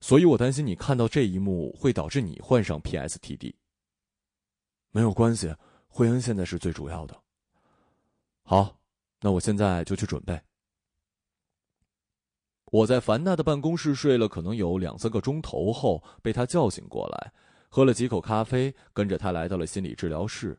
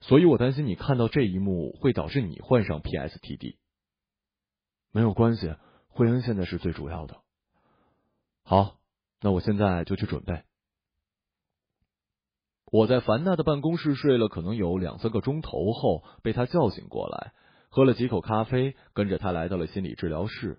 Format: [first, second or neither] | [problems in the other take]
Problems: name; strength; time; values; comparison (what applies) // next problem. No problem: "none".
first | garbled, watery; badly; slightly in the first